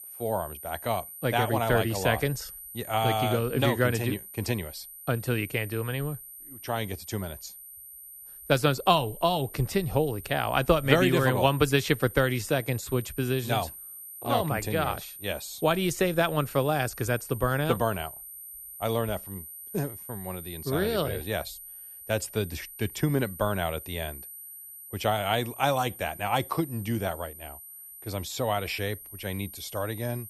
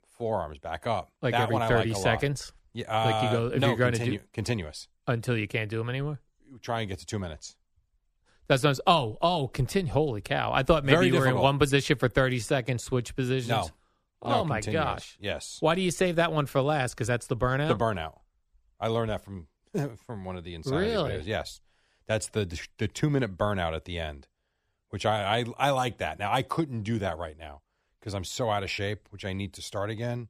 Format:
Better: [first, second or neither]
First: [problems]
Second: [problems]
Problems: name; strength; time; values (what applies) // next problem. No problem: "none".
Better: second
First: high-pitched whine; noticeable; throughout; 12 kHz, 15 dB below the speech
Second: none